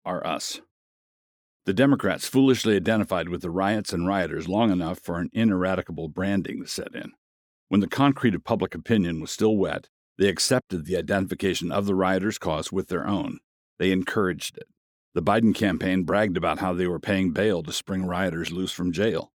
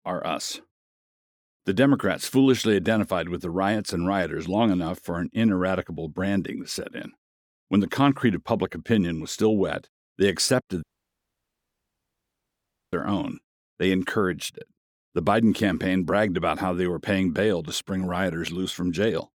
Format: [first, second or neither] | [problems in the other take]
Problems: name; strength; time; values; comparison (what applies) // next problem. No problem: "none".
first | audio cutting out; at 11 s for 2 s